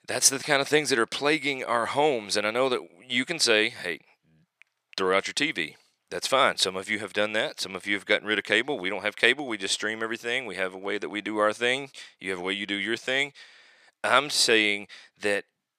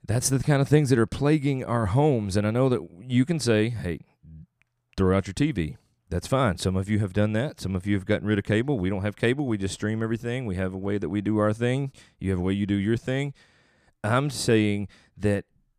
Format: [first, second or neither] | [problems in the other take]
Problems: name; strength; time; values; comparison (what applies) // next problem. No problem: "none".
second | thin; very; fading below 500 Hz